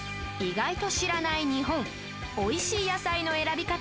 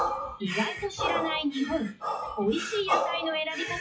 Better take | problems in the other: first | noise reduction (classical method WPE with log-MMSE)

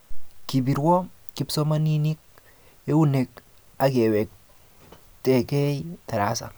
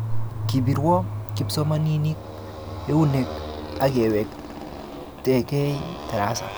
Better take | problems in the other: first | background sound (Motorcycle); 7 dB below the speech

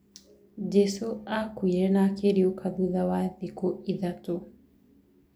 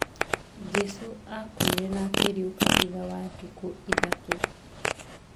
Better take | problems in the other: first | background sound (Fart); 5 dB above the speech

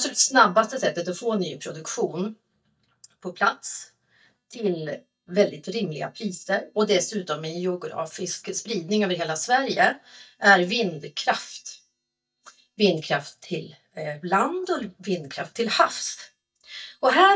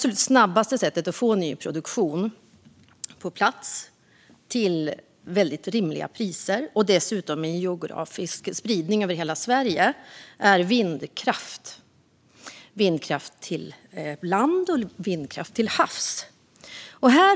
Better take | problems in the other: second | noise reduction (neural mask model DeepFilterNet 3)

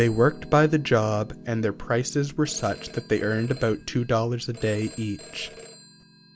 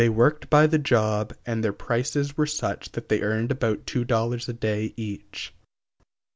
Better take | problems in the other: second | background sound (Piano + Telephone); 19 dB below the speech

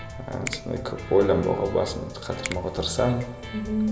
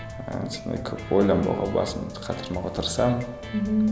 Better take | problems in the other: second | background sound (Finger snapping); 17 dB below the speech // room echo; dies away in 1.7 s

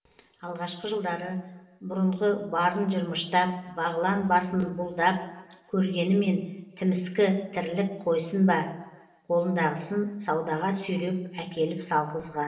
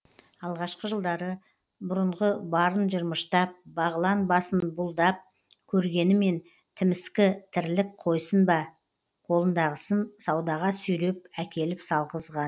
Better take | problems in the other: second | room echo; dies away in 0.8 s

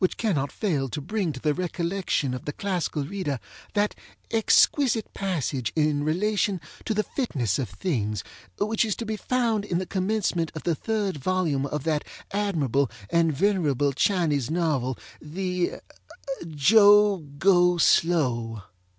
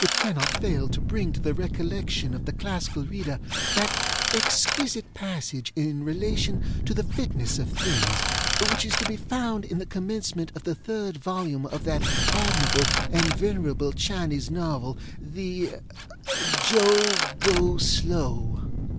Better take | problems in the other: first | background sound (Fire + Drill); 1 dB above the speech

